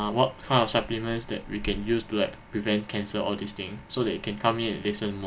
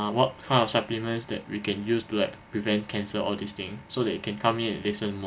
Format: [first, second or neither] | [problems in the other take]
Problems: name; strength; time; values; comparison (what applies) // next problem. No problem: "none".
second | background sound (Animal); 16 dB below the speech